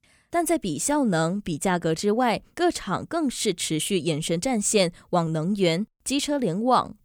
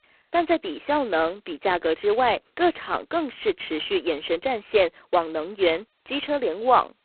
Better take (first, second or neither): first